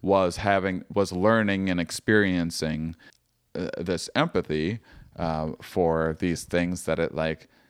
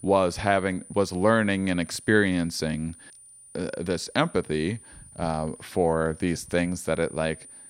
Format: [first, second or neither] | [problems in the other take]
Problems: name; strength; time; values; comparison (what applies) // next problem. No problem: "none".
first | high-pitched whine; faint; throughout; 9.5 kHz, 20 dB below the speech